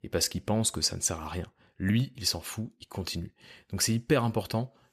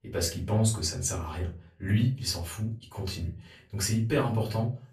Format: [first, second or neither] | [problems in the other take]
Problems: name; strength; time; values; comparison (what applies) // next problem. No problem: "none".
first | room echo; slight; dies away in 0.3 s // off-mic speech; far